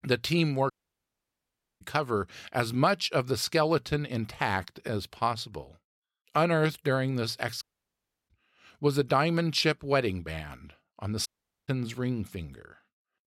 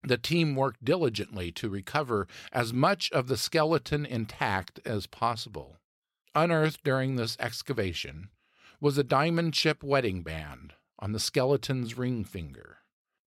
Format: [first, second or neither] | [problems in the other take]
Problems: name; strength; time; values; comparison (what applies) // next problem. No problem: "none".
second | audio cutting out; at 0.5 s for 1 s, at 7.5 s for 0.5 s and at 11 s